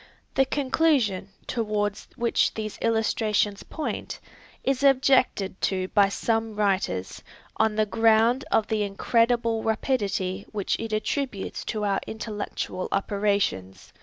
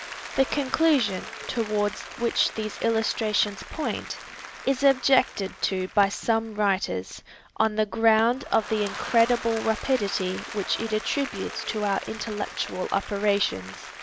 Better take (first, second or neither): first